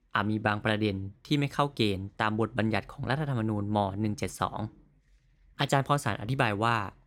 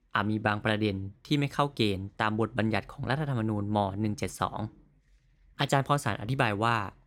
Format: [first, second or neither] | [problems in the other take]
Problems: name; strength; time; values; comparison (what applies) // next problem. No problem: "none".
neither | none